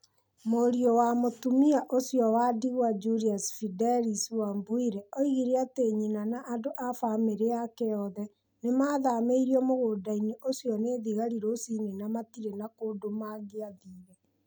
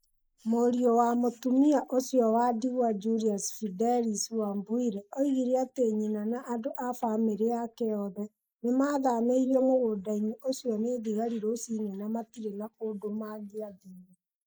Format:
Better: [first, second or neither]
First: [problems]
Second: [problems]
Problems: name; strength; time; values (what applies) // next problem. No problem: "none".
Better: first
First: none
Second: noise reduction (neural mask model Resemble Enhance denoiser)